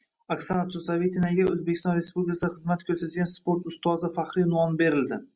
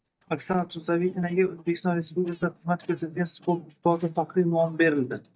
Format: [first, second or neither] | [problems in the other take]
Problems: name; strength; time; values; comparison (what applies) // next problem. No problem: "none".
first | noise reduction (neural mask model DeepFilterNet 3)